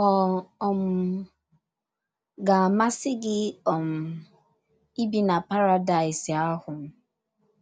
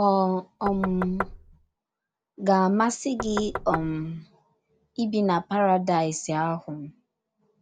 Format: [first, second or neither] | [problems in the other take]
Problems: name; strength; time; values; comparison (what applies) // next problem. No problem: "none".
first | background sound (Knock); 8 dB below the speech